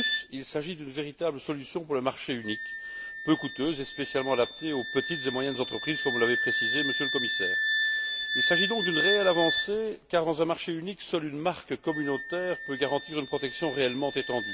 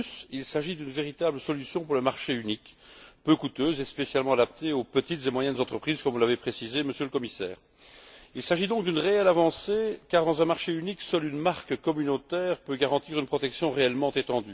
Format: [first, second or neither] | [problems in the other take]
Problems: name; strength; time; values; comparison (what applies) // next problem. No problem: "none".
second | background sound (Wind instrument, woodwind instrument); 2 dB below the speech